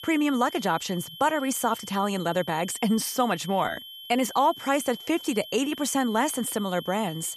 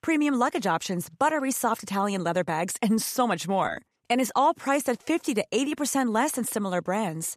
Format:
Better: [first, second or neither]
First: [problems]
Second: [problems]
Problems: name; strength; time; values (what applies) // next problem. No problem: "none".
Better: second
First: high-pitched whine; noticeable; throughout; 3 kHz, 15 dB below the speech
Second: none